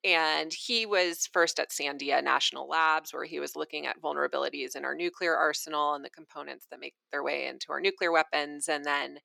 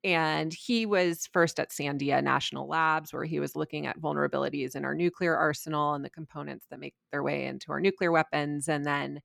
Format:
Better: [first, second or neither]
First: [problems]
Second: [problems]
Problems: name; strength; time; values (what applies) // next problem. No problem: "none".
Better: second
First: thin; somewhat; fading below 400 Hz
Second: none